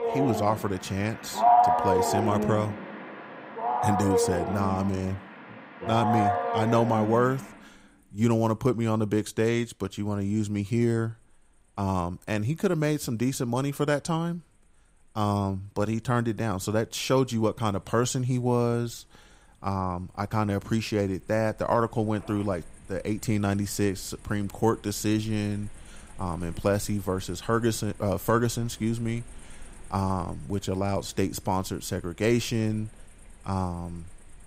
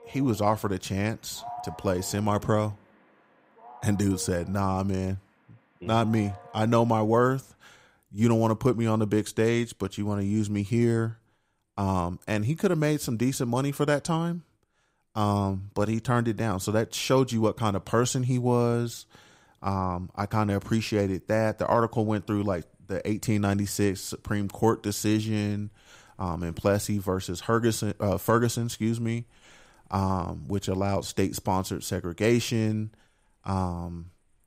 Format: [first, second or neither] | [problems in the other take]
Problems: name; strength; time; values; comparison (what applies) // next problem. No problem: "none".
second | animal sounds; loud; throughout; as loud as the speech; faint in the second